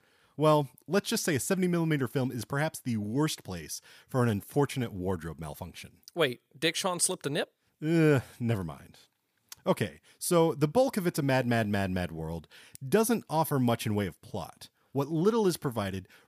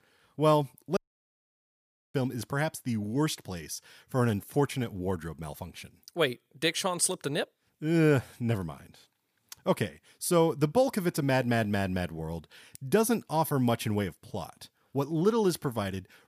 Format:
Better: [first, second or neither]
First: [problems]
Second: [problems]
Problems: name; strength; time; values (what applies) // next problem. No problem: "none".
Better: first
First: none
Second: audio cutting out; at 1 s for 1 s